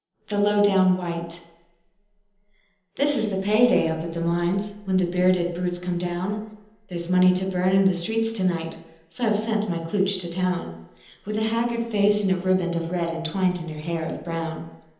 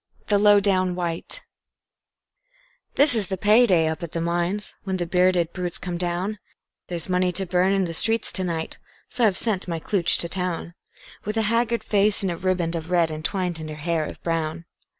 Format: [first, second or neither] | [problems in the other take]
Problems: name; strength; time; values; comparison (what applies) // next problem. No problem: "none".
second | room echo; dies away in 0.9 s